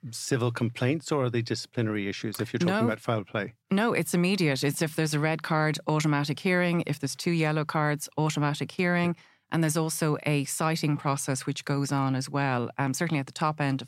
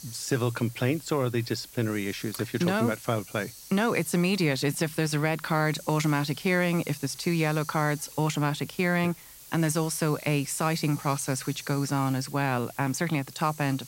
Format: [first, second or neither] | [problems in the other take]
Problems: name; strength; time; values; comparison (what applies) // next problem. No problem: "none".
first | hiss; noticeable; throughout; 15 dB below the speech